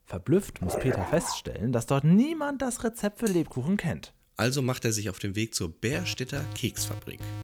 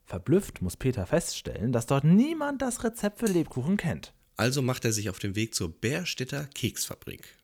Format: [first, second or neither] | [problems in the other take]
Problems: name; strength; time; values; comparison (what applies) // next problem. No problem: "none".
second | dog barking; noticeable; at 0.5 s; peak 3 dB below the speech // alarm; faint; from 6 s on; peak 10 dB below the speech